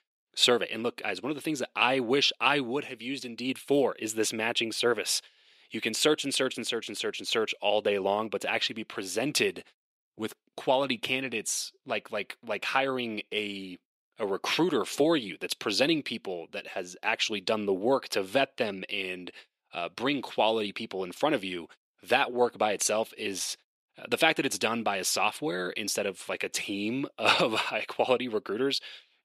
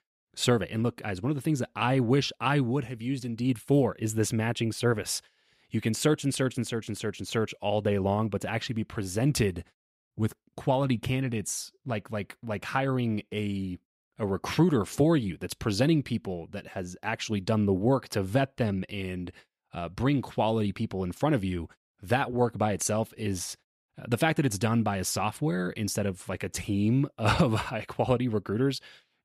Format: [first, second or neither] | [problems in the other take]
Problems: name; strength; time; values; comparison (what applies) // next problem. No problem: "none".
second | thin; somewhat; fading below 400 Hz